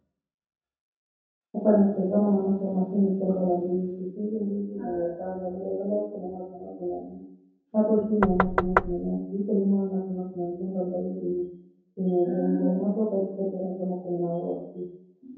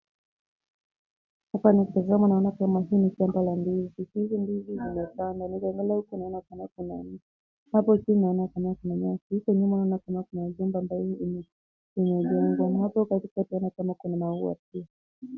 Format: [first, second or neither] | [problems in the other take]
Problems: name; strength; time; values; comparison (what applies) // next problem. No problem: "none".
second | background sound (Knock); as loud as the speech // room echo; dies away in 0.7 s